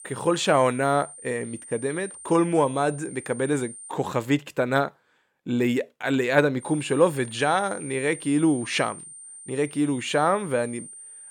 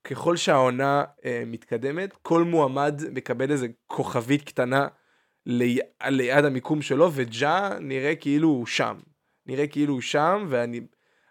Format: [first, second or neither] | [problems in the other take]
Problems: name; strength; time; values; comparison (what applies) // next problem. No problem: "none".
second | high-pitched whine; noticeable; until 4 s and from 6.5 s on; 9 kHz, 15 dB below the speech